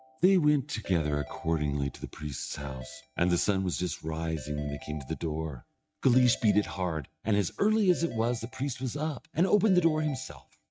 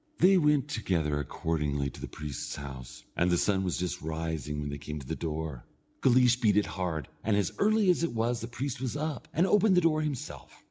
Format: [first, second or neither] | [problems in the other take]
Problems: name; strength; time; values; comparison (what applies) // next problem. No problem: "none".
second | noise reduction (neural mask model RNNoise)